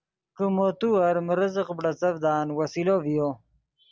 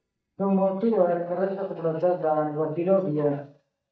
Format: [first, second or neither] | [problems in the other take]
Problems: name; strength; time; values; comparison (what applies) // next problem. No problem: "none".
first | noise reduction (neural mask model DeepFilterNet 3)